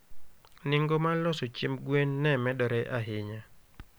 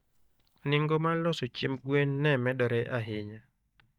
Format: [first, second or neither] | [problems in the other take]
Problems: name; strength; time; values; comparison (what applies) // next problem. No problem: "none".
first | noise reduction (neural mask model DeepFilterNet 3)